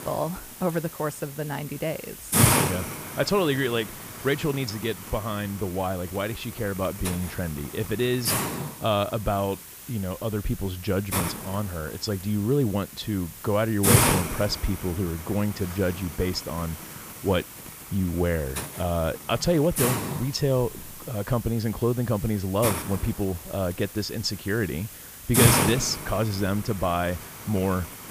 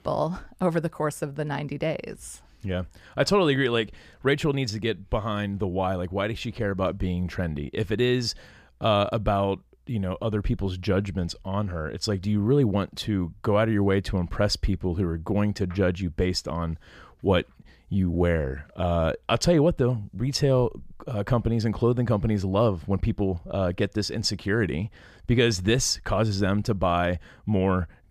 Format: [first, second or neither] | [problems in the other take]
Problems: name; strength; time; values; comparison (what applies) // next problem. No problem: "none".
second | hiss; loud; throughout; 1 dB below the speech